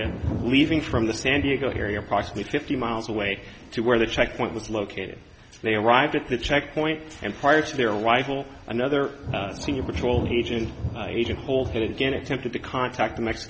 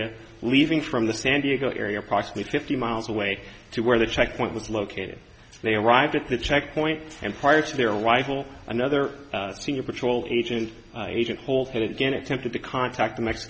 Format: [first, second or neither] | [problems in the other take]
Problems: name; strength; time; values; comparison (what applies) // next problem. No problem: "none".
second | background sound (Thunder); 11 dB below the speech